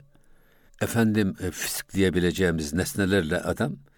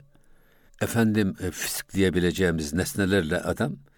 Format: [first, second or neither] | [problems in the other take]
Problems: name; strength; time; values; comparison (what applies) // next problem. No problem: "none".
neither | none